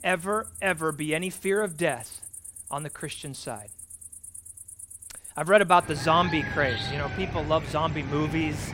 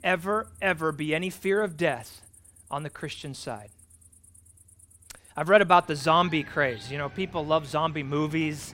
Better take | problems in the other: second | animal sounds; loud; throughout; 10 dB below the speech; faint in the second

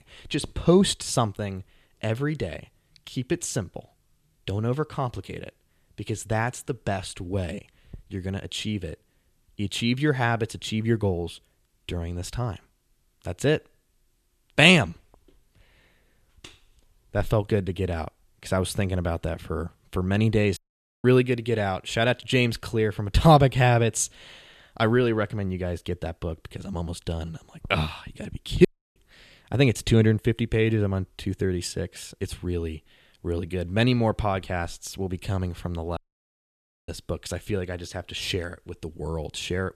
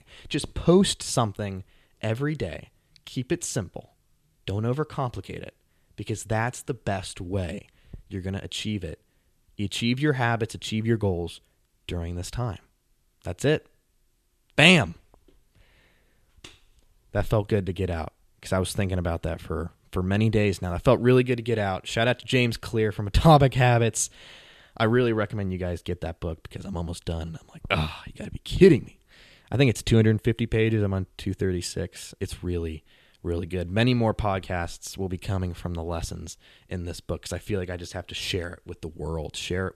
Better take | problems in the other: second | audio cutting out; at 21 s, at 29 s and at 36 s for 1 s

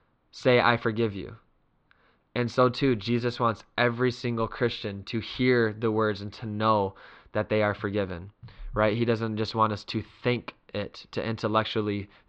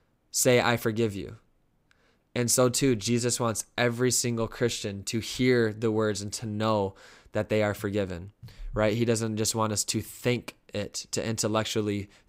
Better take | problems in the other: second | muffled; slightly; fading above 4 kHz

